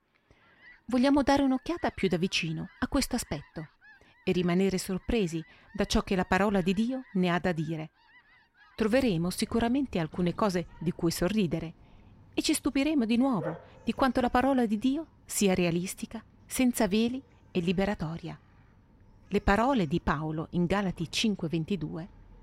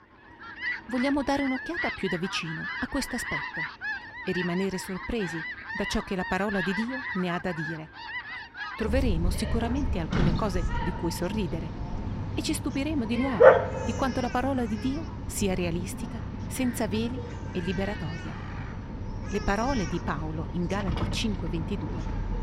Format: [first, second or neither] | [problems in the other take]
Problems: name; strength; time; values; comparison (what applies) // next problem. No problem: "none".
first | animal sounds; loud; throughout; as loud as the speech; faint in the first